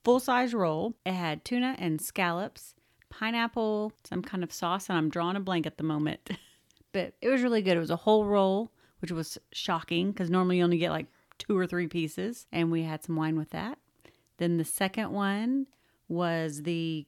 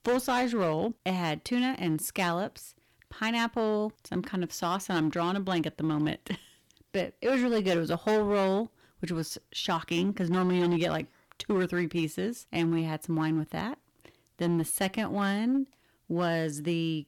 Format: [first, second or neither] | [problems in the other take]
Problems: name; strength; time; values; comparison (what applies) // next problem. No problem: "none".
first | distortion; slight; 8% of the sound clipped